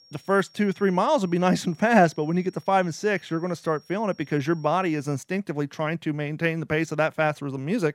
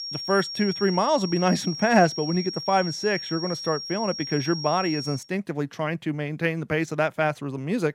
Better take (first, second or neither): first